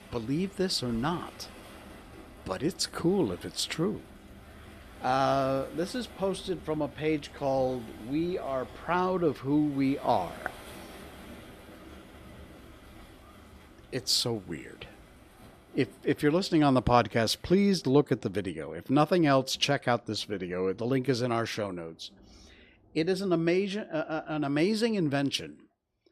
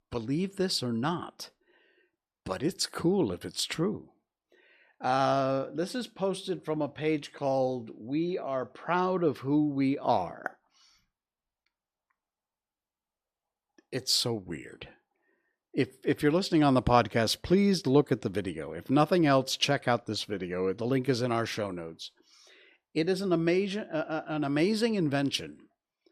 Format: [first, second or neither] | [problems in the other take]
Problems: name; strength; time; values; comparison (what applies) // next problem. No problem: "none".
second | rain or running water; faint; throughout; 20 dB below the speech